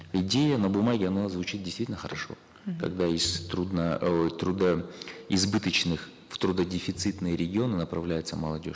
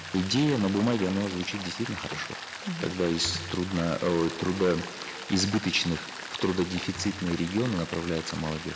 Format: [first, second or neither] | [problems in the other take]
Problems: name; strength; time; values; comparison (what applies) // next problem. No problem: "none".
first | background sound (Rain); 11 dB below the speech